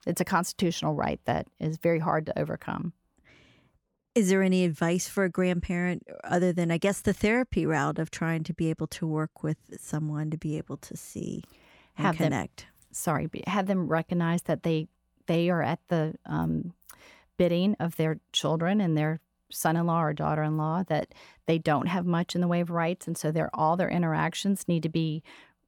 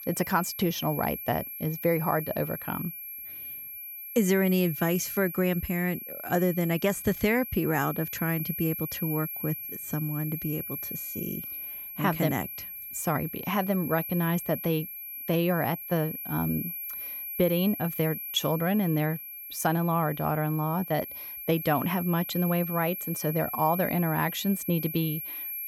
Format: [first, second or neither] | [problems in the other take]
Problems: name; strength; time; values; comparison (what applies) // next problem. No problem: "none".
first | high-pitched whine; loud; throughout; 11.5 kHz, 7 dB below the speech